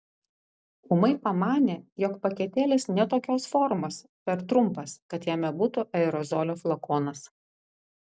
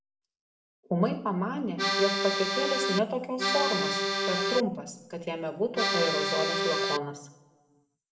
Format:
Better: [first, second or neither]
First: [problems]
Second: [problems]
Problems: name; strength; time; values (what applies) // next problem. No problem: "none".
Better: first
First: none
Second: background sound (Accordion); 3 dB above the speech // room echo; dies away in 0.7 s